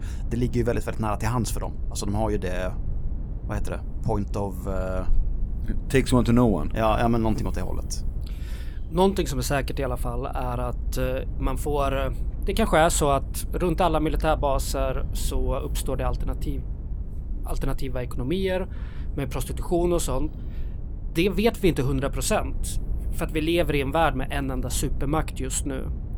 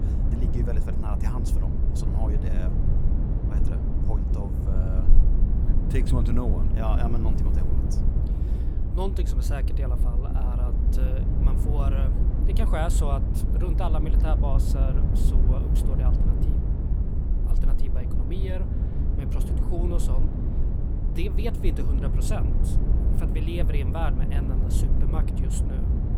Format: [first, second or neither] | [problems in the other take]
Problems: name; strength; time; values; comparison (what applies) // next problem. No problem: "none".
first | low rumble; loud; throughout; 2 dB below the speech; faint in the first